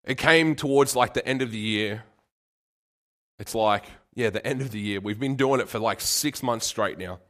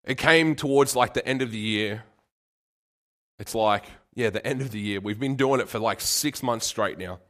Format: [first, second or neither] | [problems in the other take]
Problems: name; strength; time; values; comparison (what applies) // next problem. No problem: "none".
neither | none